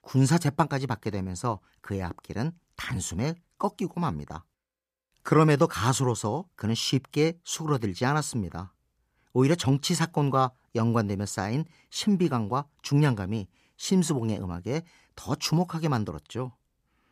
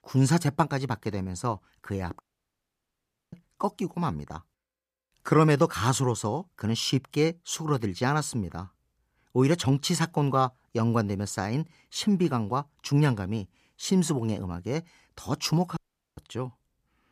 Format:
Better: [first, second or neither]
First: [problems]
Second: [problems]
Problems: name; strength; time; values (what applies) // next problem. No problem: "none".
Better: first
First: none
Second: audio cutting out; at 2 s for 1 s and at 16 s